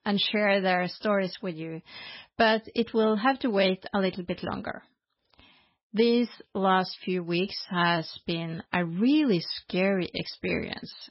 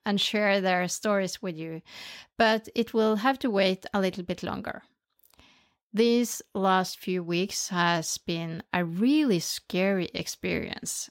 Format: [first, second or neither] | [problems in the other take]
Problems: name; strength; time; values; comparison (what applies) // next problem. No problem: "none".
second | garbled, watery; badly; nothing above 5.5 kHz